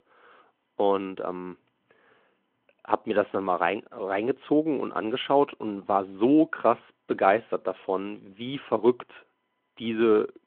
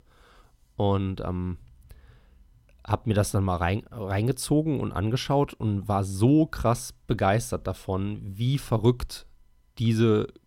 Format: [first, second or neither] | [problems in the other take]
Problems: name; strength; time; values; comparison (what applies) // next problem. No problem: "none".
second | phone-call audio